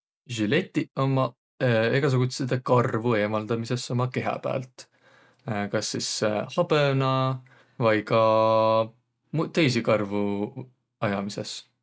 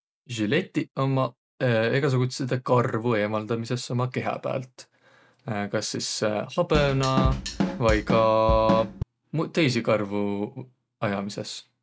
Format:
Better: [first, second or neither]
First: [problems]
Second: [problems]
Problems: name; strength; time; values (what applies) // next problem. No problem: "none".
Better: first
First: none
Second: background sound (Drum kit); 2 dB below the speech